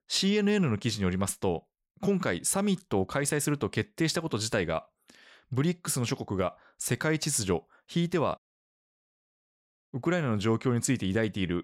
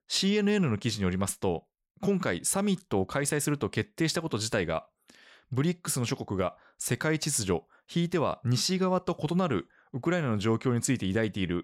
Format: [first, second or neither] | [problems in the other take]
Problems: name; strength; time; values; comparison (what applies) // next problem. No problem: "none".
second | audio cutting out; at 8.5 s for 1.5 s